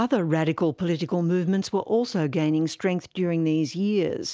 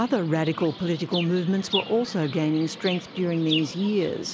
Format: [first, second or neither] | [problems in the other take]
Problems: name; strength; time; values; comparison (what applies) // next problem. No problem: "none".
first | background sound (Chirp, tweet); 11 dB below the speech